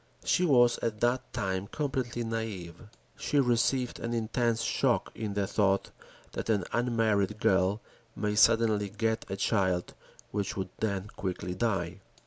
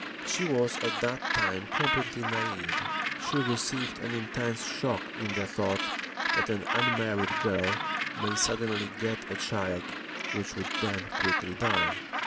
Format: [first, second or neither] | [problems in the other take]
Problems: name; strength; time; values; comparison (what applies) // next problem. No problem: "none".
first | background sound (Gull, seagull); as loud as the speech